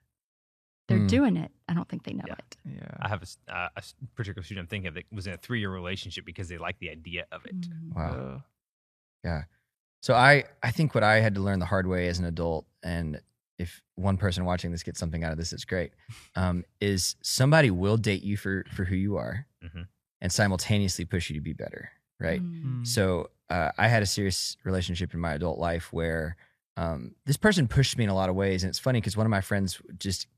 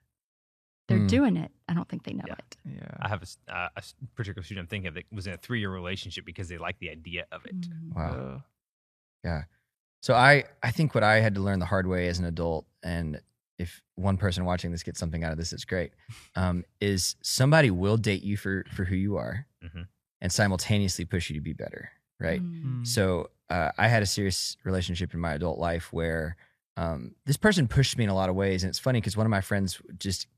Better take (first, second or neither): neither